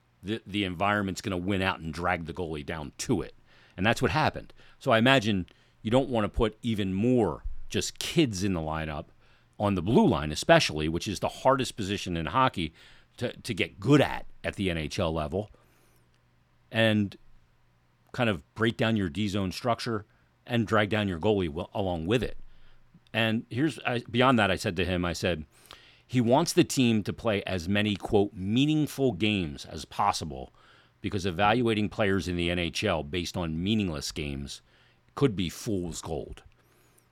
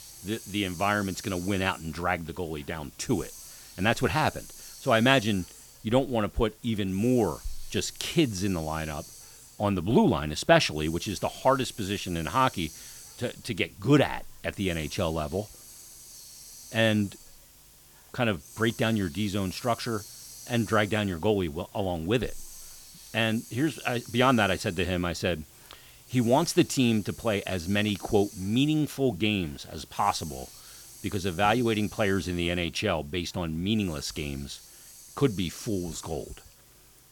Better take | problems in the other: first | hiss; noticeable; throughout; 20 dB below the speech

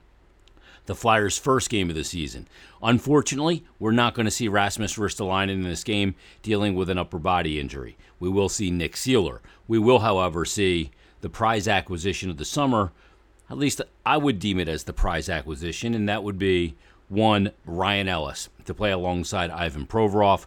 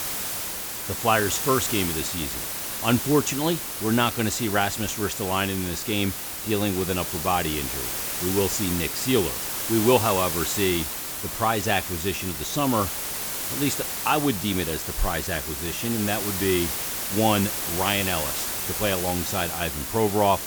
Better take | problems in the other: first | hiss; loud; throughout; 2 dB below the speech

